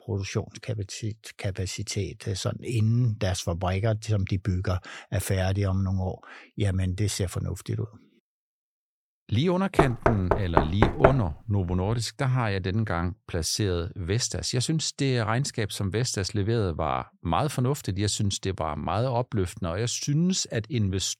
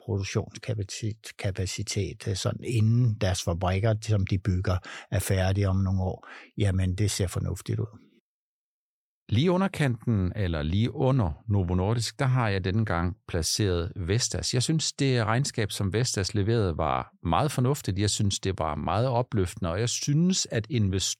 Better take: second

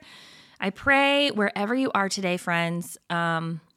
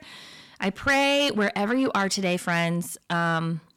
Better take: first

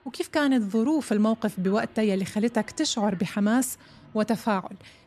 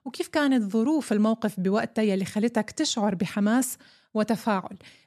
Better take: second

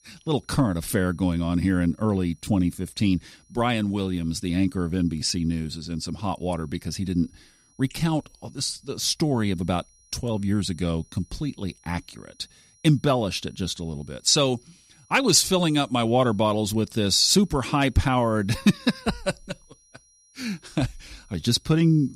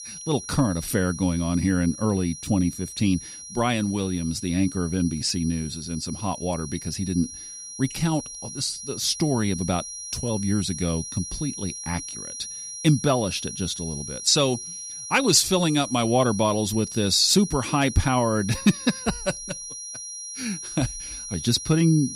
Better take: first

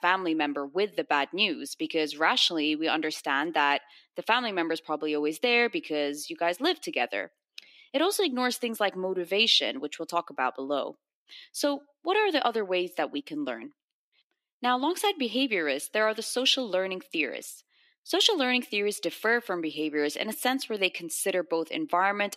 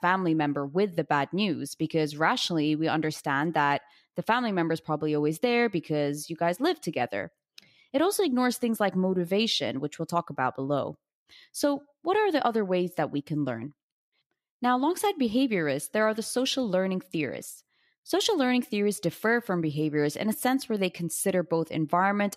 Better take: second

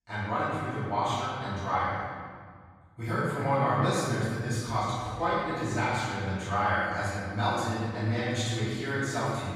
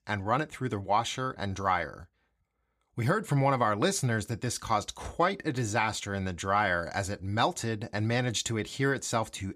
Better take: second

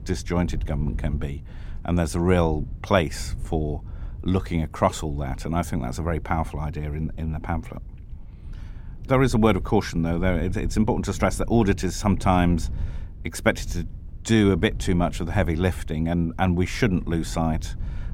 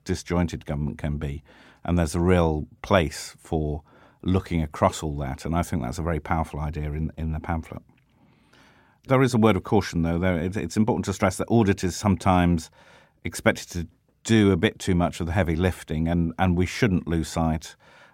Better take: second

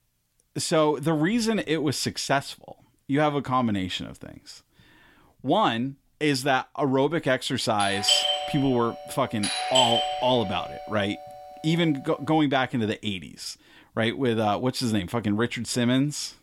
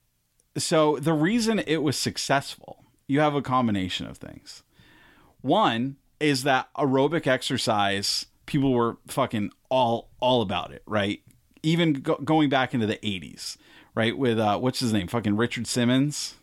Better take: second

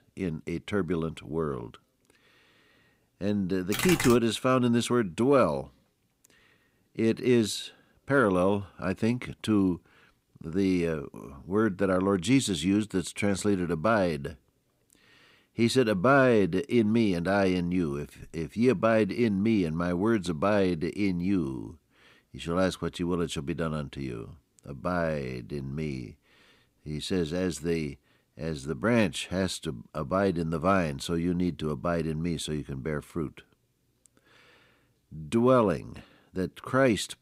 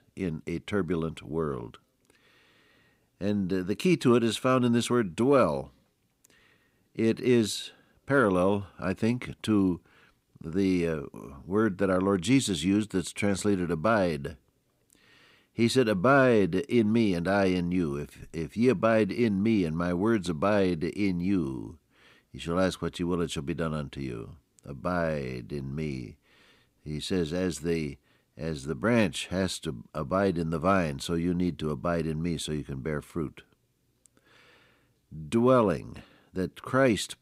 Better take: second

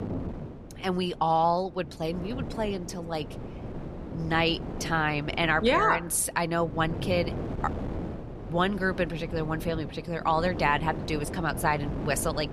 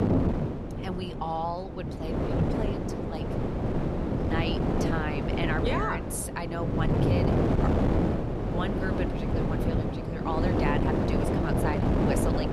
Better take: first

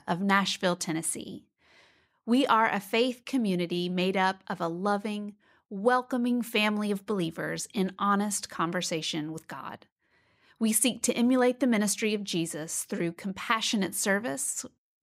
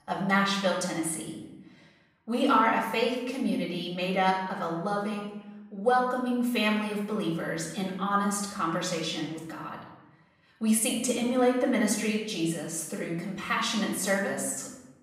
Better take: first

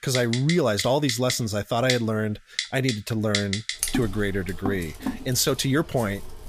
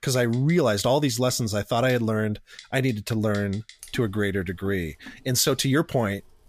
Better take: second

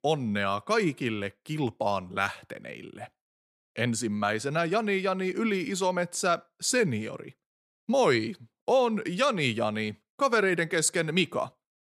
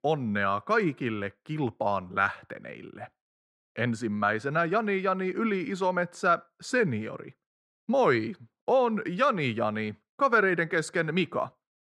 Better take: first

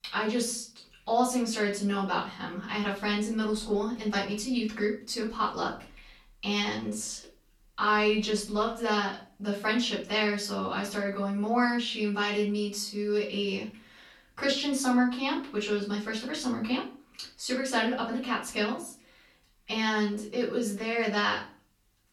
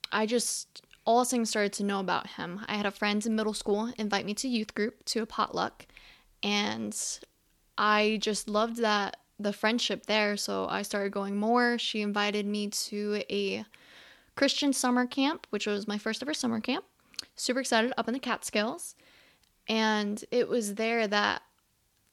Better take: second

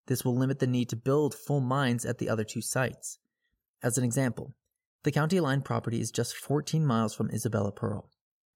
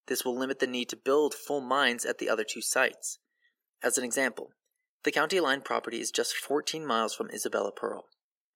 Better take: first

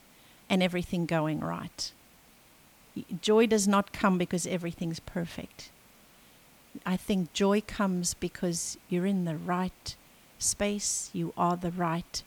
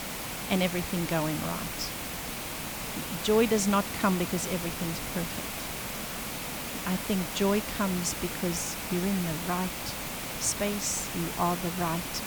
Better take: first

